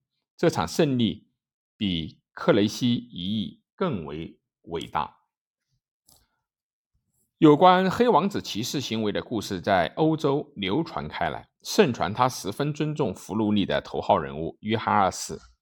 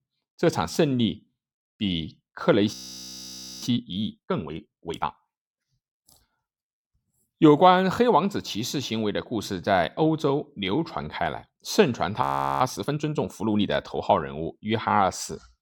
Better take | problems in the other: first | audio freezing; at 2.5 s for 1 s and at 12 s

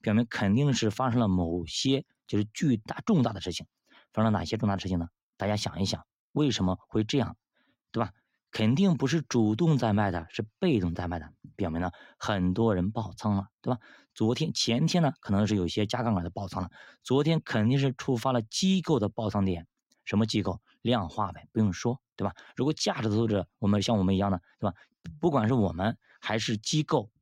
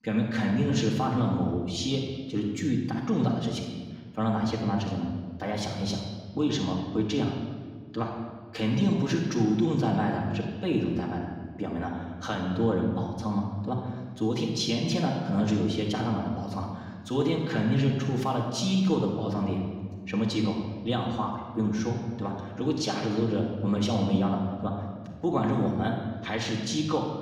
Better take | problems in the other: first | room echo; noticeable; dies away in 1.3 s // off-mic speech; far

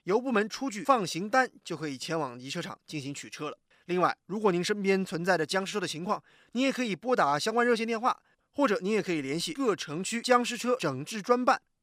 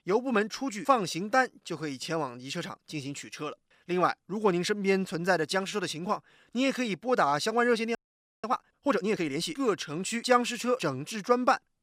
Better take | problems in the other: first | audio freezing; at 8 s

